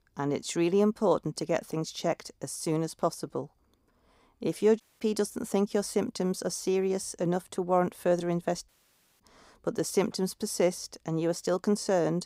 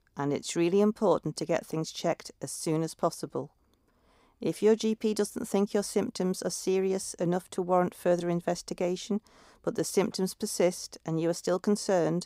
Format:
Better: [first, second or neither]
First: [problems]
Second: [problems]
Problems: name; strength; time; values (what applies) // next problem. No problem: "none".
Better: second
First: audio cutting out; at 5 s and at 8.5 s for 0.5 s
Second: none